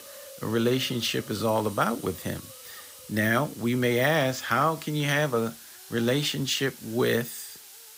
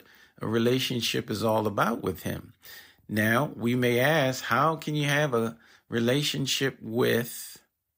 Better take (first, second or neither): second